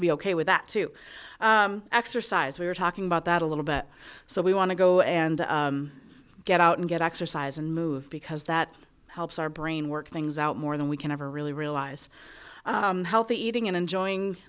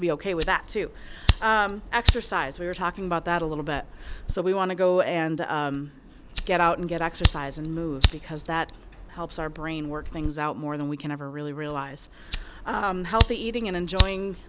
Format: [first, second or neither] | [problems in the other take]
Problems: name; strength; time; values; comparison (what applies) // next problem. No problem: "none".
first | background sound (Fire); 3 dB below the speech